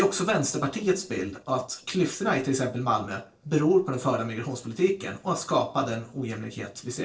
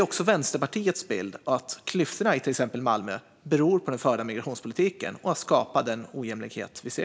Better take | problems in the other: second | noise reduction (neural separator model SepFormer DNS4)

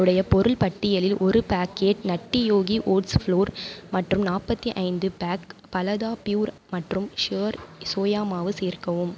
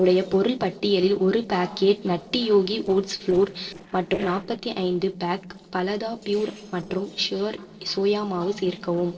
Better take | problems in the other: first | noise reduction (neural separator model SepFormer DNS4)

